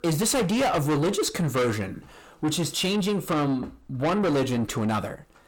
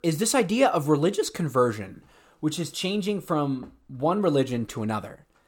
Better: second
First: distortion; heavy; 6 dB below the speech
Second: none

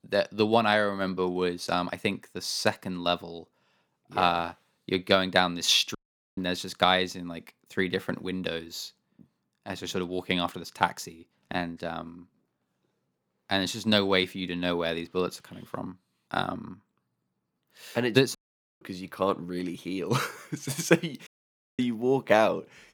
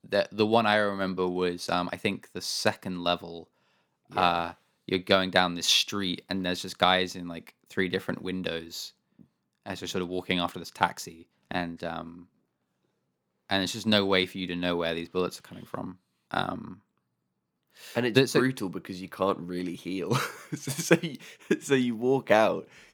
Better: second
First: audio cutting out; at 6 s, at 18 s and at 21 s for 0.5 s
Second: none

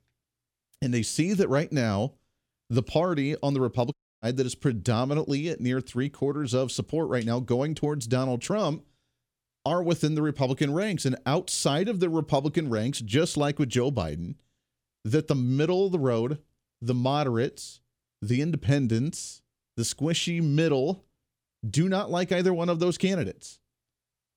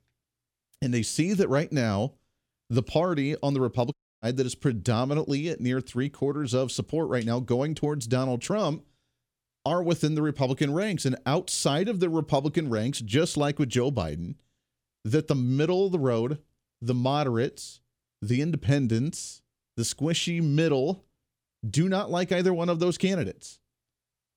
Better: neither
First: audio cutting out; at 4 s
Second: audio cutting out; at 4 s

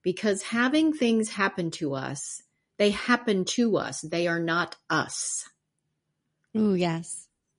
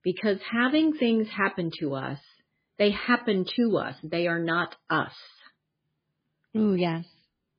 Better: first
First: garbled, watery; slightly; nothing above 10.5 kHz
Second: garbled, watery; badly; nothing above 4.5 kHz

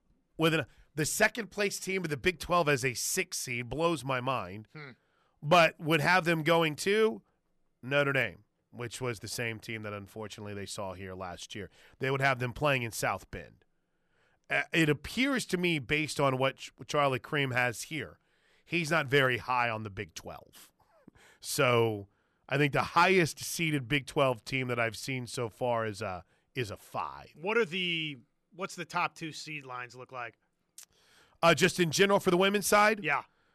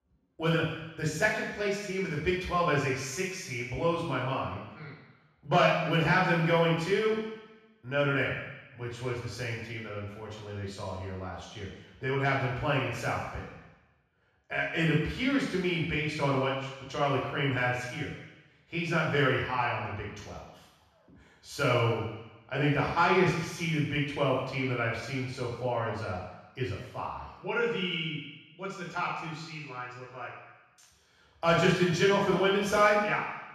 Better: first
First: none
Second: room echo; strong; dies away in 1.1 s // off-mic speech; far

